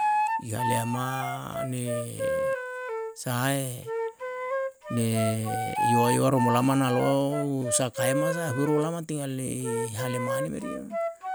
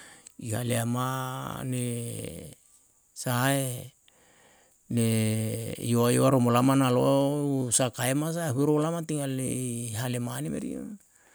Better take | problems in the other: second | background sound (Wind instrument, woodwind instrument); 2 dB below the speech

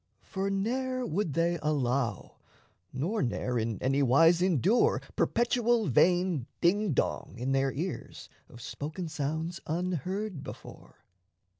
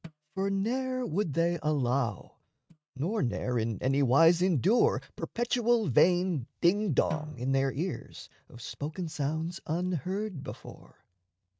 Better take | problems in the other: first | noise reduction (neural mask model RNNoise)

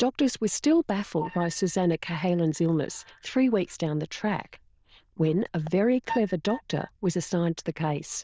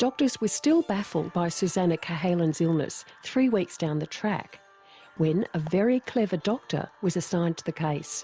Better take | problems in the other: second | noise reduction (neural diffusion model UNIVERSE++)

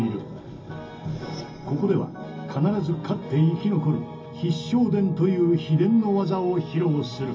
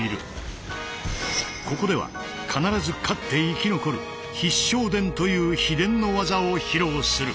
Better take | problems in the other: second | room echo; dies away in 0.4 s

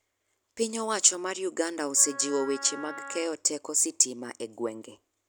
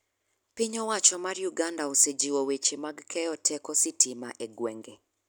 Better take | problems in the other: second | background sound (Wind instrument, woodwind instrument); 13 dB below the speech

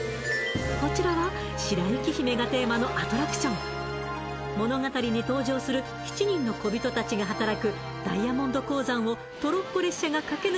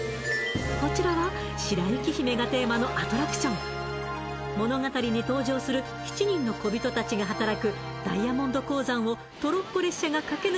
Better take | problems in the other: second | background sound (Wind instrument, woodwind instrument); 17 dB below the speech

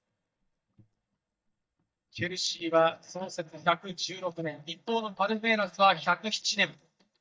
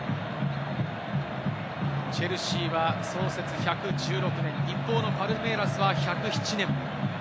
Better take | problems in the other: second | noise reduction (neural mask model DeepFilterNet 3)

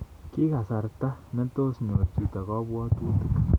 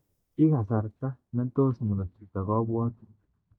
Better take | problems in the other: first | noise reduction (neural mask model DeepFilterNet 3)

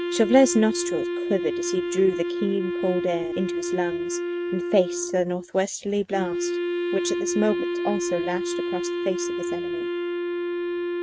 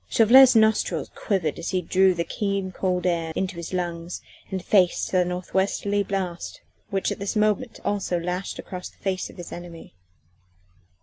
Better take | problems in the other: second | noise reduction (neural mask model RNNoise)

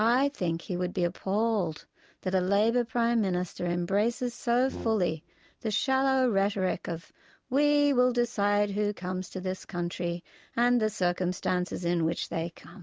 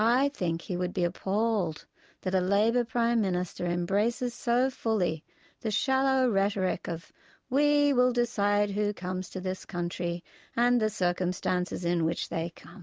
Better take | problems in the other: second | background sound (Brass instrument); 15 dB below the speech

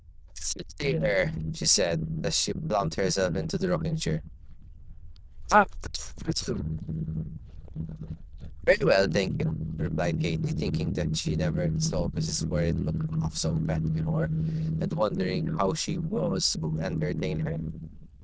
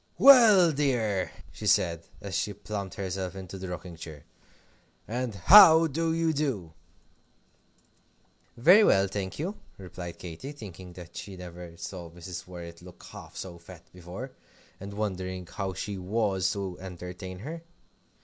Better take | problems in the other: second | noise reduction (neural diffusion model UNIVERSE++)

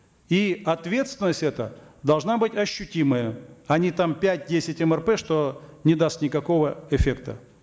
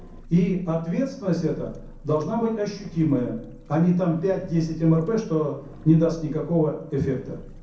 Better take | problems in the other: first | background sound (Engine); 20 dB below the speech // room echo; dies away in 0.6 s

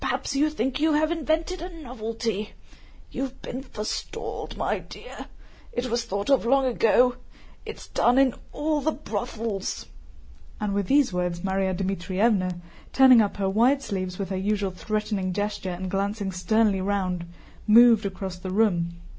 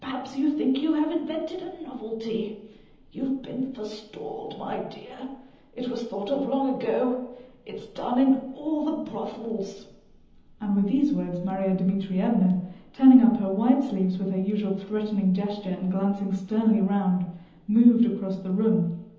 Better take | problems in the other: first | room echo; dies away in 0.9 s

